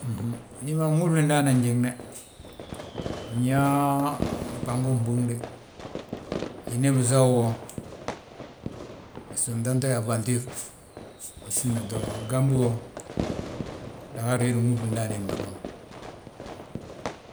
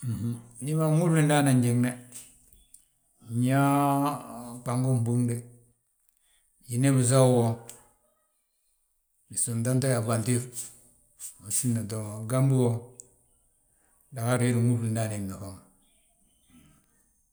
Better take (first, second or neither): second